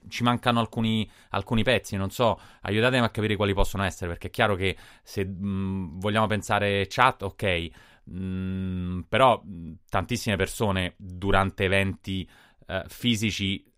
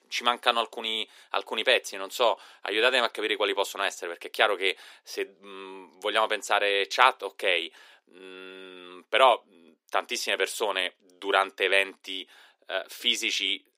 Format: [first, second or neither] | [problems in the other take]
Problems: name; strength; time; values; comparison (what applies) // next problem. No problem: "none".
first | thin; very; fading below 350 Hz